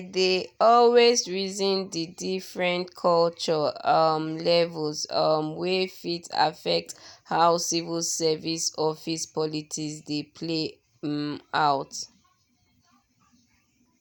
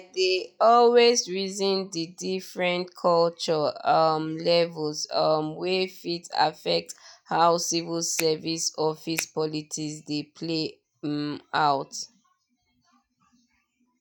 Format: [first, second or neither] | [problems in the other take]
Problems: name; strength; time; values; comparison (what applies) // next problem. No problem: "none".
first | noise reduction (classical method log-MMSE)